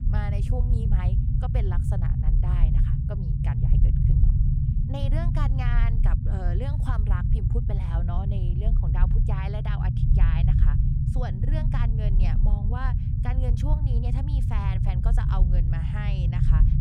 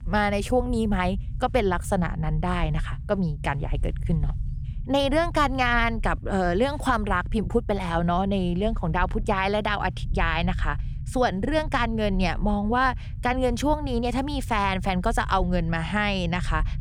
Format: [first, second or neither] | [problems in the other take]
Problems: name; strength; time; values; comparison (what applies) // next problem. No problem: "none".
second | low rumble; loud; throughout; as loud as the speech; faint in the second